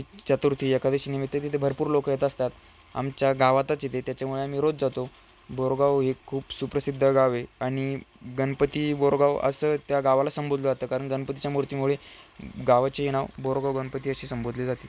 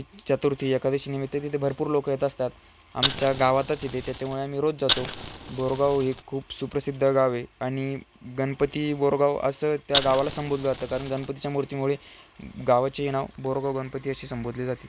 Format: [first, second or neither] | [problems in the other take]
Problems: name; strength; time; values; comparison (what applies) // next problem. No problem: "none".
first | background sound (Fire); 5 dB below the speech